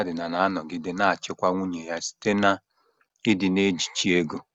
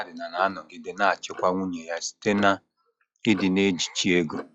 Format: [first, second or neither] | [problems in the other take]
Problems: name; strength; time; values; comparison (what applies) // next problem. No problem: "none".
first | noise reduction (classical method log-MMSE)